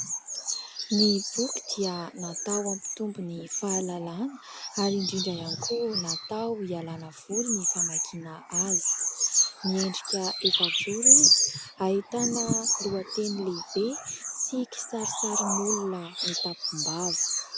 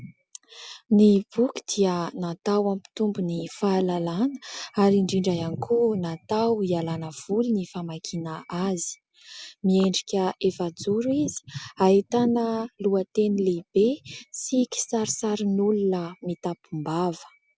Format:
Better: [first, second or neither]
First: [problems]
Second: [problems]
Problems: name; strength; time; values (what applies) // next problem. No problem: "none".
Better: second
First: background sound (Bird vocalization, bird call, bird song); 3 dB above the speech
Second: none